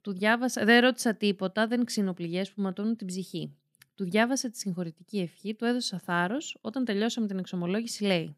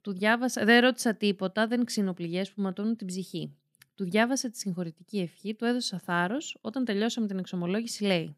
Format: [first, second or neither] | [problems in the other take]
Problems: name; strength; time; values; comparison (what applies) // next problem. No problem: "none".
neither | none